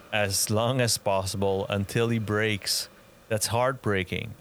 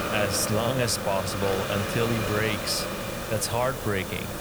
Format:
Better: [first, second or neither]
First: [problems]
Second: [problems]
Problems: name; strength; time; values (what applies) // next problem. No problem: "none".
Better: first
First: hiss; faint; throughout; 25 dB below the speech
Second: hiss; loud; throughout; 3 dB below the speech